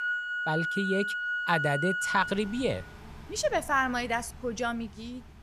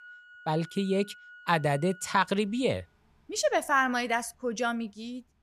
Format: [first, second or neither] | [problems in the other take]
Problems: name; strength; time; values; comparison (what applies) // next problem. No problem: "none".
second | background music; loud; throughout; 1 dB below the speech; faint in the second